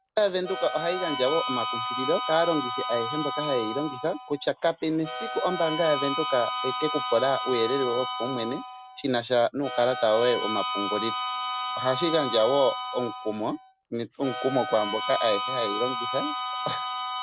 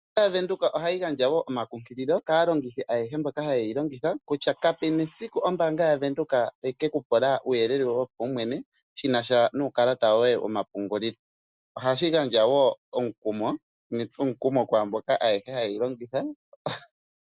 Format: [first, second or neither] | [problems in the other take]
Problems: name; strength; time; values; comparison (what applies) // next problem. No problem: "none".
second | background sound (Harmonica); 5 dB below the speech